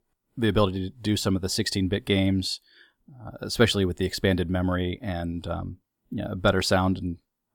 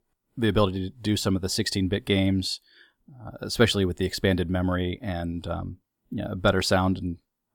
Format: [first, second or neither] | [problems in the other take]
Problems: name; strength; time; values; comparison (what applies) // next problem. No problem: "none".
neither | none